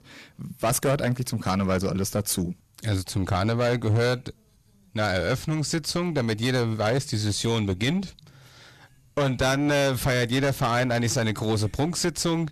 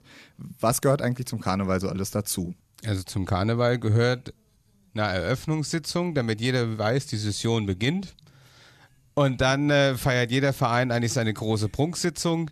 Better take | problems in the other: second | distortion; heavy; 13% of the sound clipped

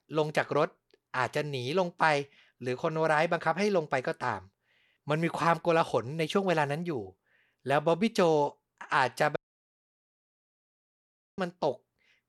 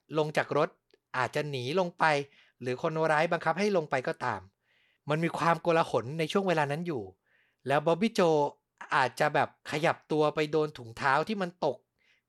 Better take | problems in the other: second | audio cutting out; at 9.5 s for 2 s

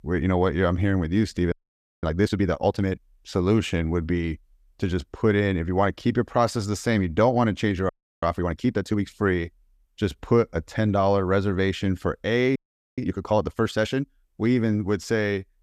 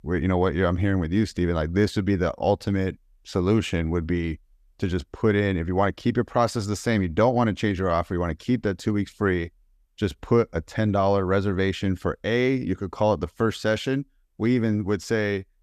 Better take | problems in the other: second | audio freezing; at 1.5 s for 0.5 s, at 8 s and at 13 s

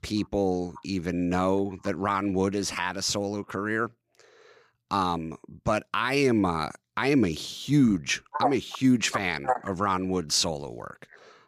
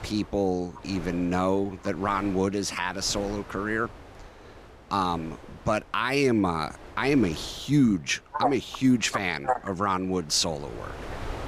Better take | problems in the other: first | wind noise on the microphone; occasional gusts; 20 dB below the speech

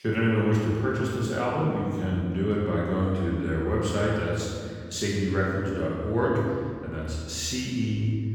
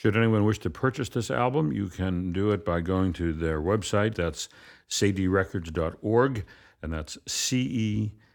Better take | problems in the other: second | room echo; strong; dies away in 1.8 s // off-mic speech; far

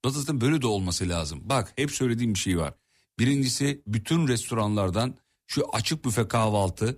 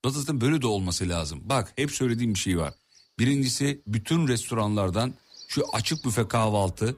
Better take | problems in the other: first | animal sounds; faint; throughout; 20 dB below the speech

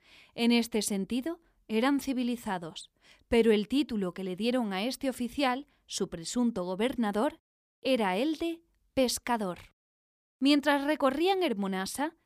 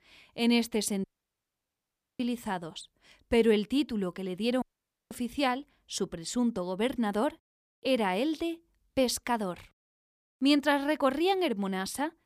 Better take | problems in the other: first | audio cutting out; at 1 s for 1 s and at 4.5 s

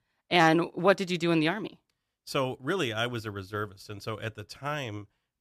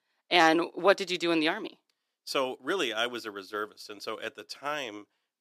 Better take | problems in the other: first | thin; somewhat; fading below 300 Hz

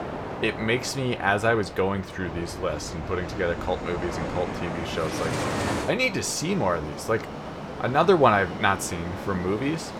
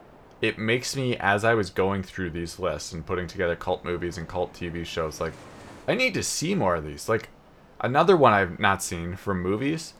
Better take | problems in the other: second | train or aircraft noise; loud; throughout; 8 dB below the speech; faint in the second

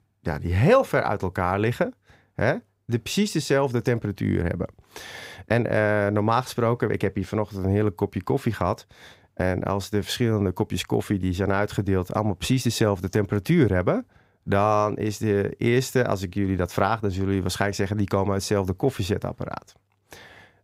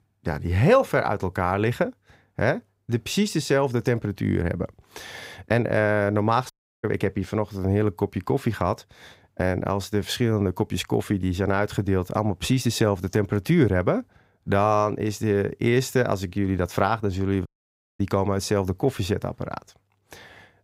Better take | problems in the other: first | audio cutting out; at 6.5 s and at 17 s for 0.5 s

